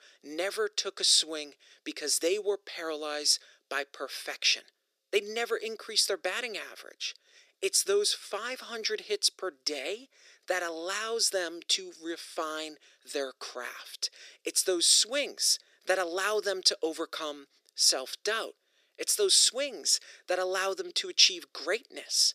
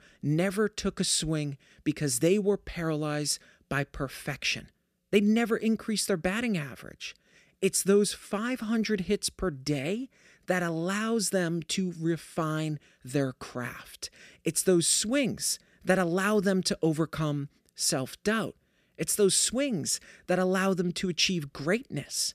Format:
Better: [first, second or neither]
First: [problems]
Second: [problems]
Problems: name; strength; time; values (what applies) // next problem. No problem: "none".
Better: second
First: thin; very; fading below 400 Hz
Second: none